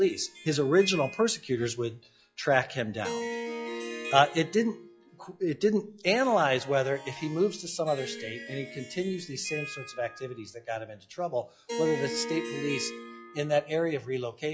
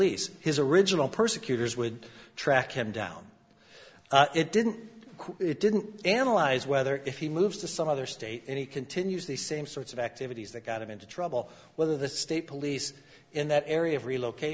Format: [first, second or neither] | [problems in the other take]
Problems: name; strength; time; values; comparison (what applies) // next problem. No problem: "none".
second | noise reduction (classical method log-MMSE)